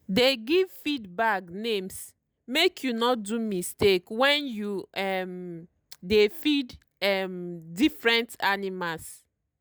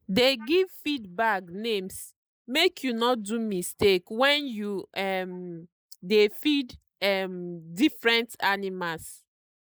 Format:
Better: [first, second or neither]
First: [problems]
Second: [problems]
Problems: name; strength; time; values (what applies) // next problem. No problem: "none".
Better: first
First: none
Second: noise reduction (neural mask model Resemble Enhance denoiser)